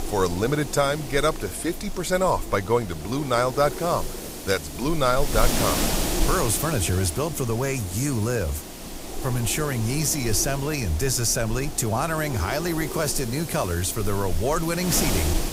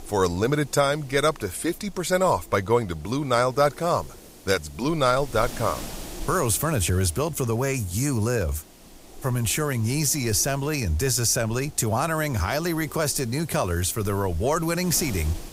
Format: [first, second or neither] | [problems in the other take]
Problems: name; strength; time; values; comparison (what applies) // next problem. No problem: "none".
second | wind noise on the microphone; heavy; 8 dB below the speech; occasional gusts in the second